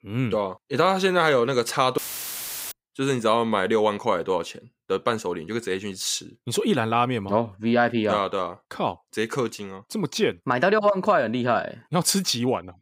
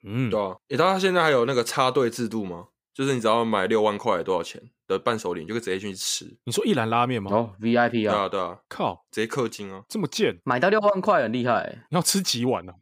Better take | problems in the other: second | audio cutting out; filled with static; at 2 s for 0.5 s

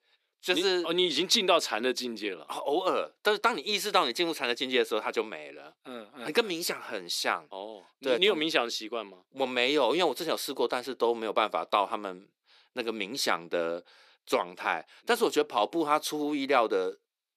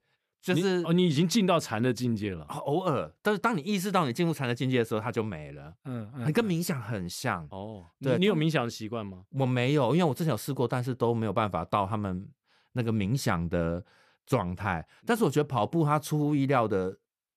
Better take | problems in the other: second | thin; somewhat; fading below 300 Hz

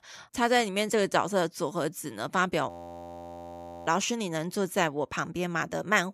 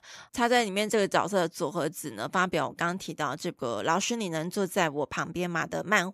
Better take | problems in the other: second | audio freezing; at 2.5 s for 1 s

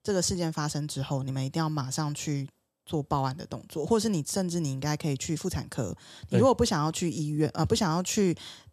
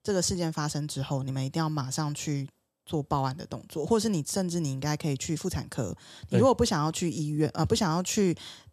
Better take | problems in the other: neither | none

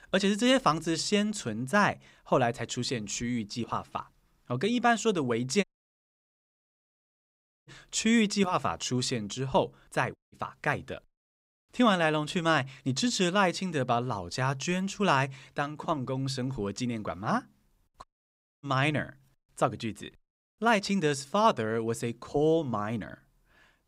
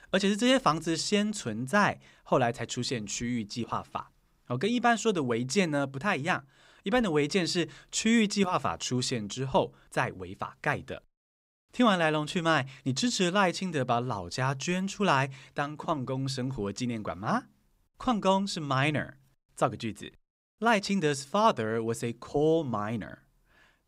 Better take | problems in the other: second | audio cutting out; at 5.5 s for 2 s, at 10 s and at 18 s for 0.5 s

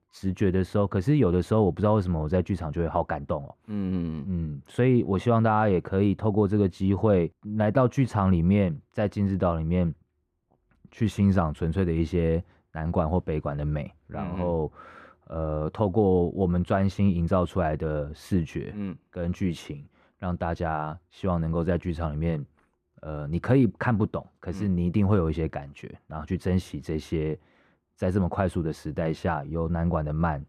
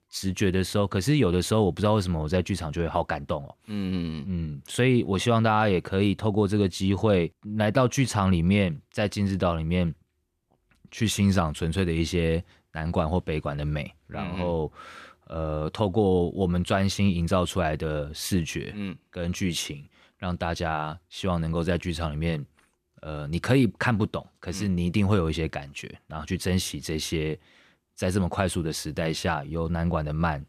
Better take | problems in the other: second | muffled; very; fading above 2 kHz

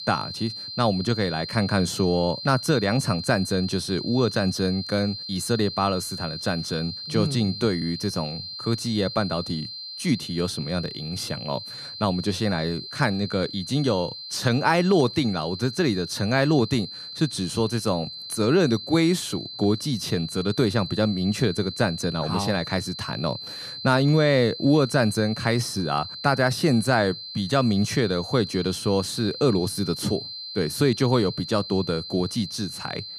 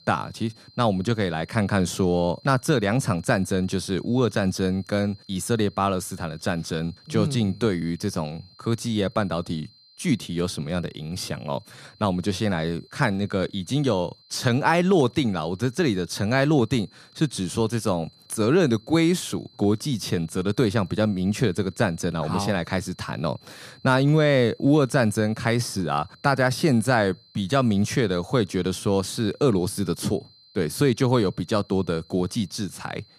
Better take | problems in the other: second | high-pitched whine; loud; throughout; 4 kHz, 9 dB below the speech; faint in the second

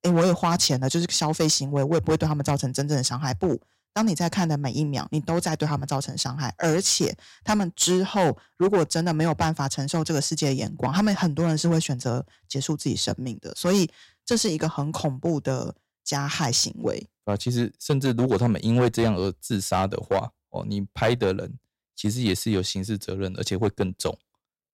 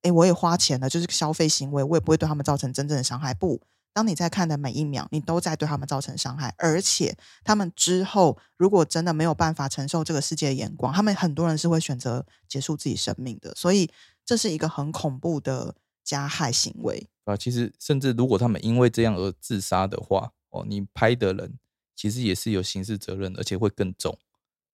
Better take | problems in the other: second | distortion; slight; 4% of the sound clipped

